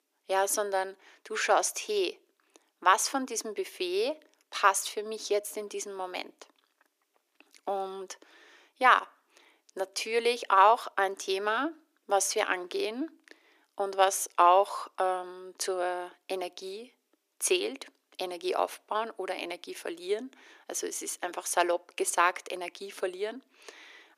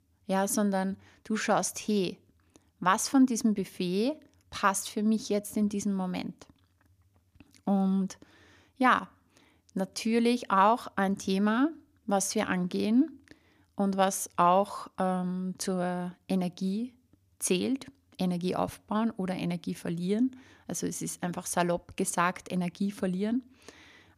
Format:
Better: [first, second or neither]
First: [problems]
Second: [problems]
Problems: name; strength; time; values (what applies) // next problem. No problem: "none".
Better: second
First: thin; very; fading below 350 Hz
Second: none